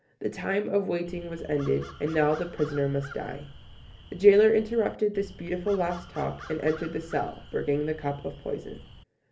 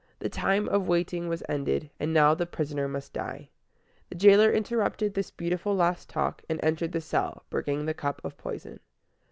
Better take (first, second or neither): second